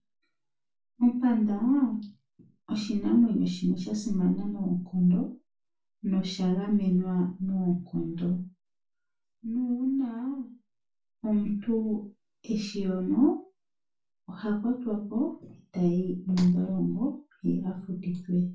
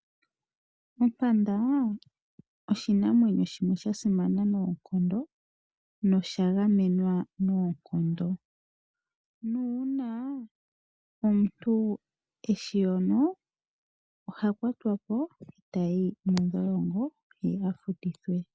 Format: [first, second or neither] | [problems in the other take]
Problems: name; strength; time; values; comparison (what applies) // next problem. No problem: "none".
second | room echo; dies away in 0.3 s